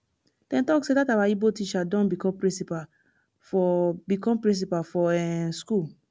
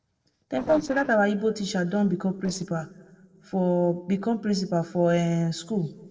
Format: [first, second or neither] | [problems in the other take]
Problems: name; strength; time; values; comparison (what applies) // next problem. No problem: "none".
first | noise reduction (neural separator model SepFormer DNS4)